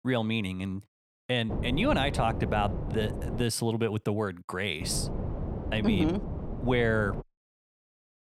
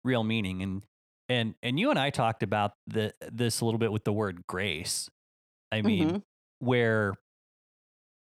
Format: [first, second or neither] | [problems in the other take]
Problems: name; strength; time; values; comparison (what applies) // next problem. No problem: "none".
second | wind noise on the microphone; occasional gusts; from 1.5 to 3.5 s and from 5 to 7 s; 10 dB below the speech